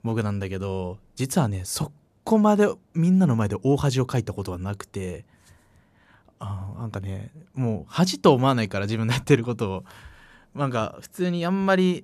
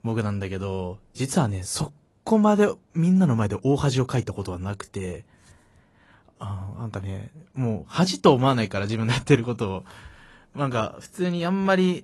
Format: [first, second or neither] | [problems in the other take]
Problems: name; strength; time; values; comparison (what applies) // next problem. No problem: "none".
first | garbled, watery; slightly; nothing above 11.5 kHz